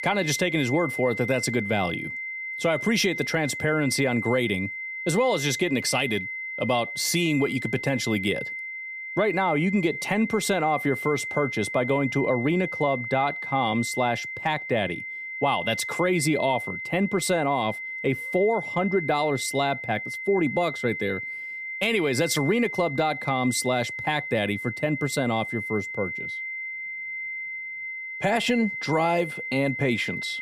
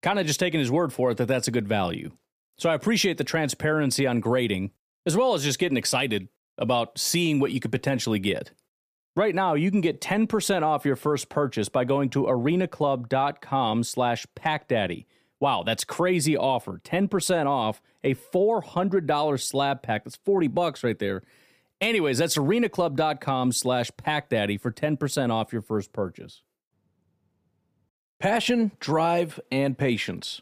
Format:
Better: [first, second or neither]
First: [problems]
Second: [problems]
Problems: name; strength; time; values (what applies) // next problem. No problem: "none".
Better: second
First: high-pitched whine; loud; throughout; 2 kHz, 6 dB below the speech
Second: none